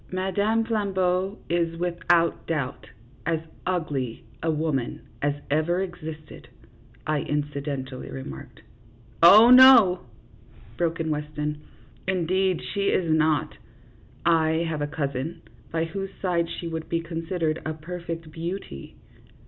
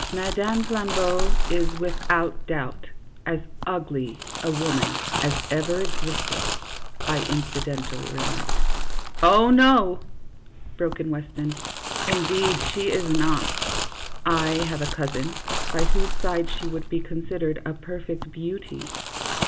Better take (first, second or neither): first